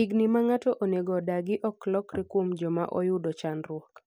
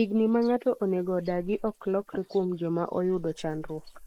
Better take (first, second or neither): first